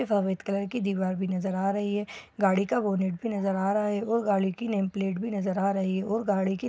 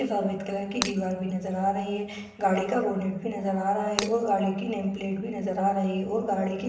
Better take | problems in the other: first | background sound (Shatter); 7 dB below the speech // room echo; dies away in 0.9 s

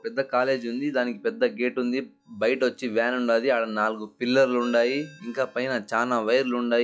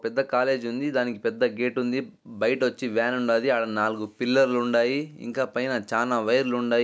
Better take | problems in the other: second | noise reduction (classical method log-MMSE)

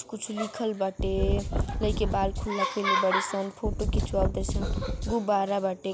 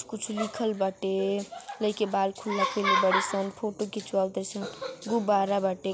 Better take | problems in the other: second | background sound (Wind); 1 dB above the speech

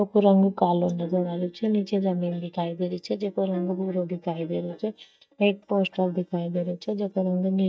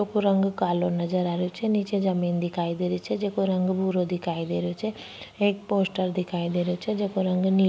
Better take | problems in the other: second | noise reduction (neural mask model DeepFilterNet 3)

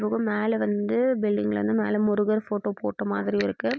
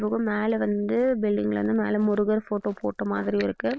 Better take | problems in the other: first | noise reduction (neural mask model RNNoise)

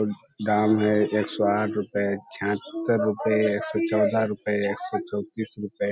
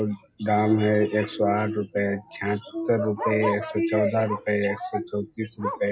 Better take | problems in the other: first | background sound (Bark); 14 dB below the speech // room echo; dies away in 0.2 s

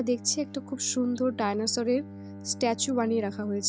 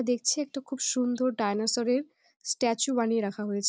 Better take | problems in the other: second | background sound (Bowed string instrument); 14 dB below the speech

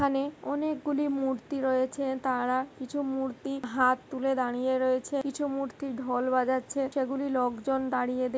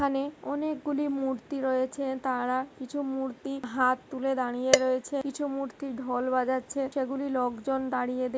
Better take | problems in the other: first | noise reduction (neural mask model Resemble Enhance denoiser)

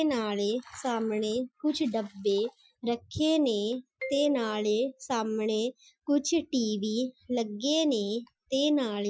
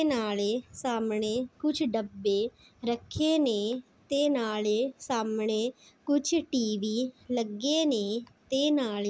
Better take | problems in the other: second | noise reduction (classical method Wiener filter)

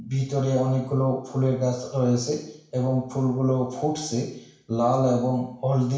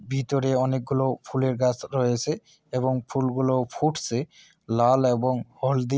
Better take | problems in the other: second | room echo; dies away in 0.7 s

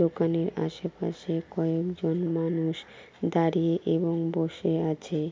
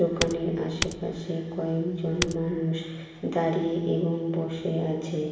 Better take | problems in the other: first | background sound (Typing); 6 dB below the speech // room echo; dies away in 1.2 s

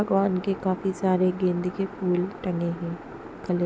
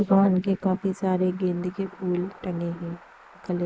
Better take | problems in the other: first | noise reduction (neural mask model Resemble Enhance denoiser)

